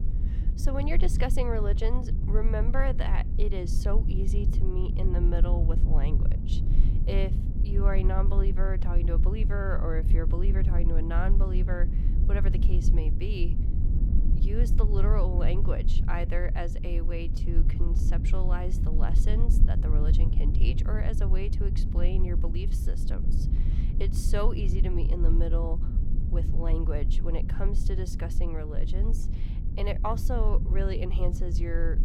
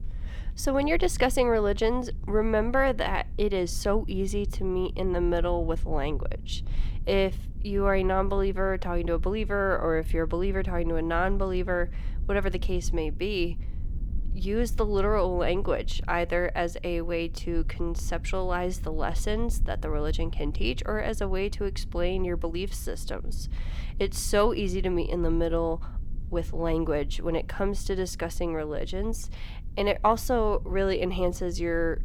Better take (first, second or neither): second